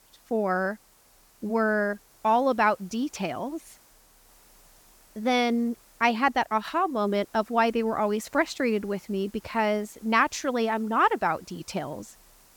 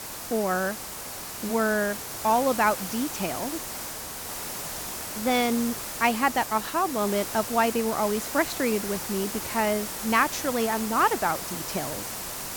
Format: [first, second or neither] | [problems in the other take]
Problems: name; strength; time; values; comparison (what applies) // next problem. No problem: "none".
first | hiss; loud; throughout; 6 dB below the speech; faint in the first